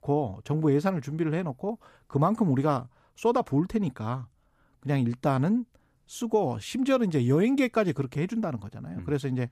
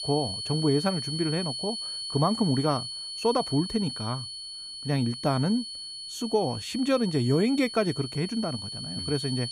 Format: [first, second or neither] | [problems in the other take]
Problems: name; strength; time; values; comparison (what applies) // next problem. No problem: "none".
first | high-pitched whine; loud; throughout; 4.5 kHz, 6 dB below the speech